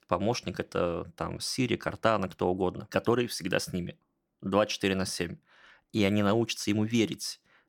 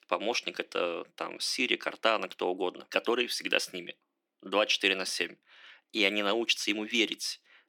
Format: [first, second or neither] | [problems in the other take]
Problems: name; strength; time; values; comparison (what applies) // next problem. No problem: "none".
first | thin; somewhat; fading below 300 Hz